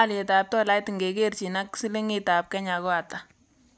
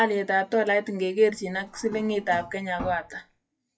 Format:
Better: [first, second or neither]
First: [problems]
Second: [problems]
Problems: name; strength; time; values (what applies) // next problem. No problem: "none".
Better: first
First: none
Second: noise reduction (classical method WPE with log-MMSE)